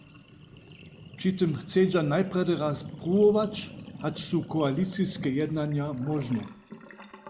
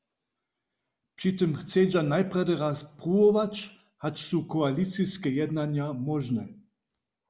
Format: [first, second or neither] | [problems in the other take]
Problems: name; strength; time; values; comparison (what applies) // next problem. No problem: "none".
second | background sound (Sink (filling or washing)); 16 dB below the speech